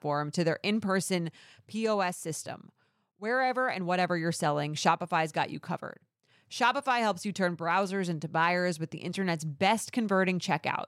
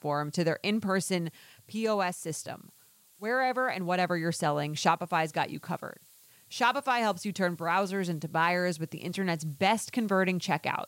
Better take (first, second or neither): first